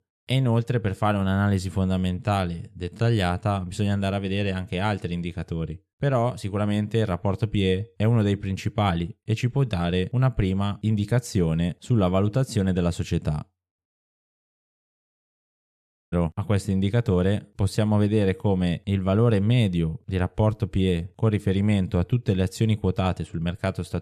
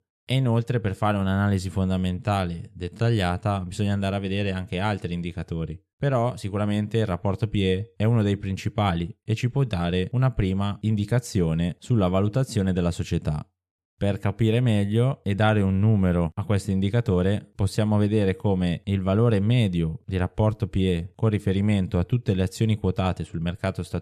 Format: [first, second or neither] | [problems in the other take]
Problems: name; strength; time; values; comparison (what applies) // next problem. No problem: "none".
second | audio cutting out; at 14 s for 2 s